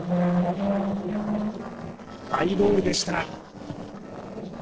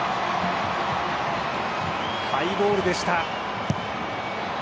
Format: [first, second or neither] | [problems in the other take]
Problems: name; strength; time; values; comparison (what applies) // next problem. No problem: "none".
second | noise reduction (neural separator model SepFormer DNS4)